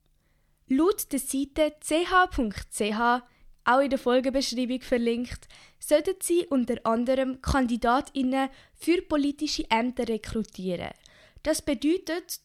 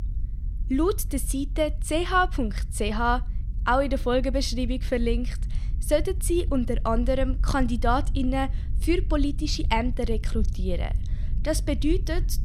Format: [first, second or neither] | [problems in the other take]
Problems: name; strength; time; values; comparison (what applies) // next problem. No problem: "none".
first | low rumble; faint; throughout; 25 dB below the speech